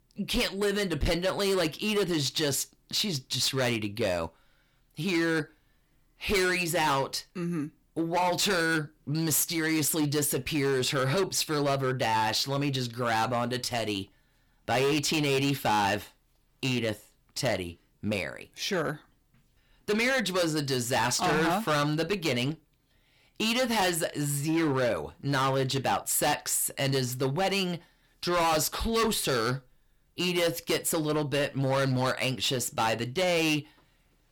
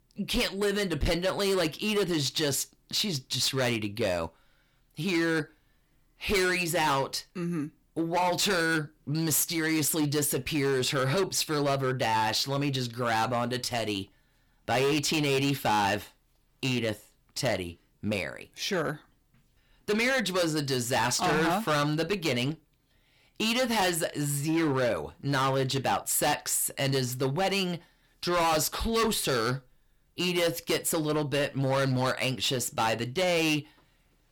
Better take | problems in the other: neither | distortion; heavy; 12% of the sound clipped; the same in both

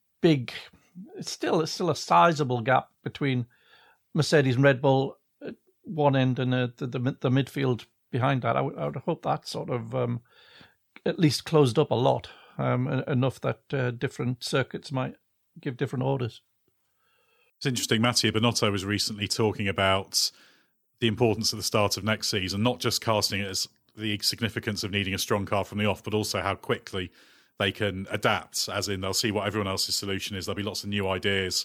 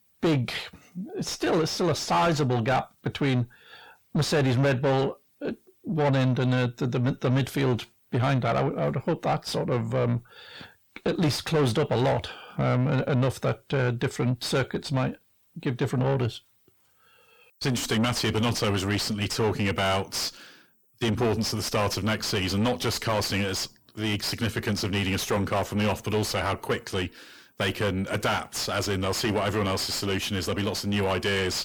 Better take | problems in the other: first | distortion; heavy; 6 dB below the speech

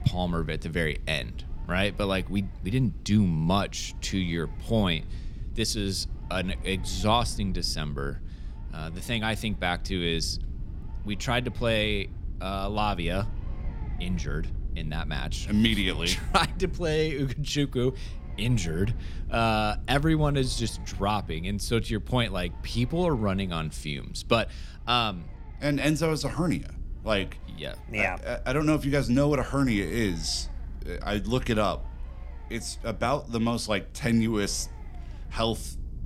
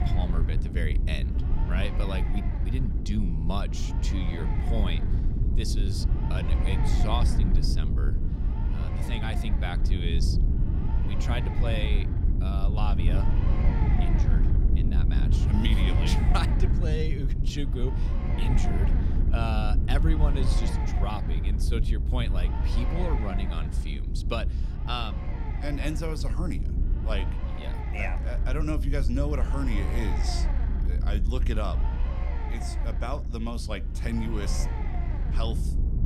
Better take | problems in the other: first | low rumble; loud; throughout; 4 dB below the speech; faint in the first

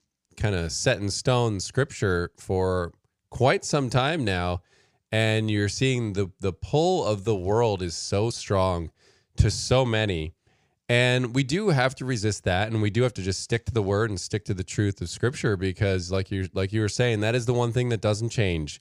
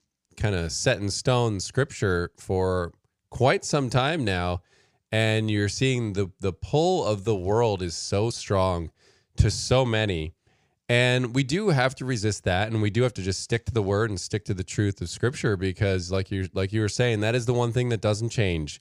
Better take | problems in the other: neither | none

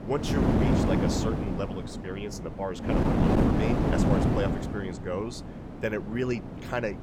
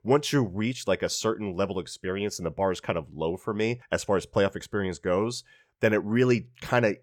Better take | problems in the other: second | wind noise on the microphone; heavy; 4 dB above the speech

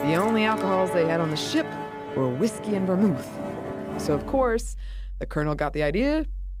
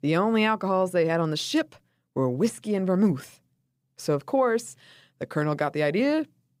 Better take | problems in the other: second | background music; loud; throughout; 8 dB below the speech

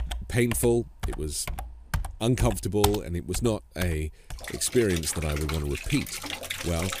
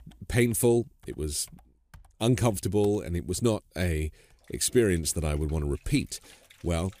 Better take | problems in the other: second | household noises; loud; throughout; 7 dB below the speech; faint in the second

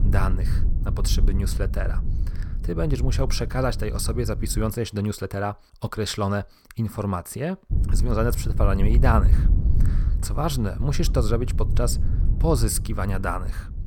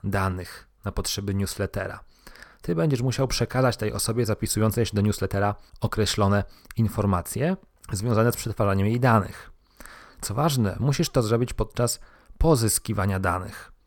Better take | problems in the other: second | wind noise on the microphone; occasional gusts; until 4.5 s and from 7.5 s on; 15 dB below the speech

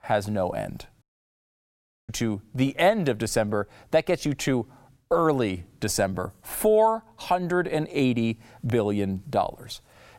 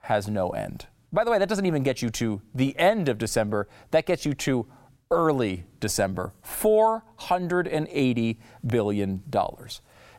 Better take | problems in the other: second | audio cutting out; at 1 s for 1 s

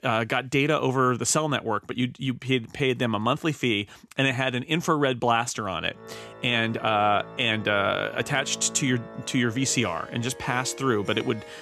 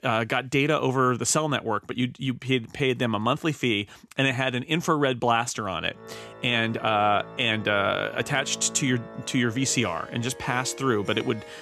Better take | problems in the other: neither | background music; noticeable; from 6 s on; 15 dB below the speech; the same in both

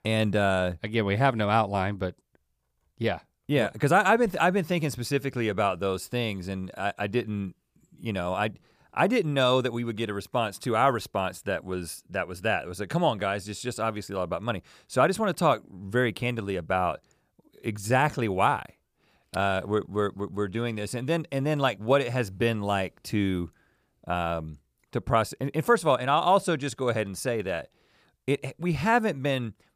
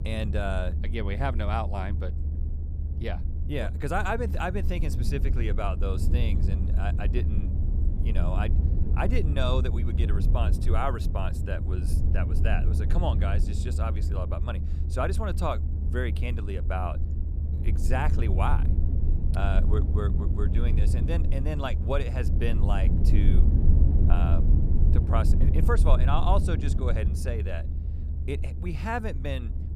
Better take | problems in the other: first | low rumble; loud; throughout; 8 dB below the speech

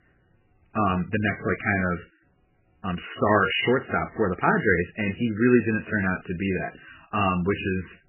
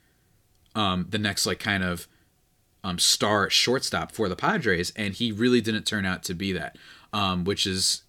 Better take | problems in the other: second | garbled, watery; badly; nothing above 3 kHz

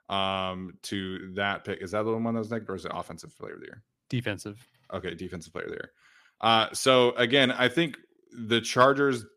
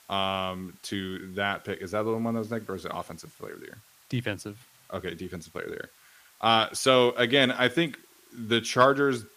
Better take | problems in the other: first | hiss; faint; throughout; 30 dB below the speech

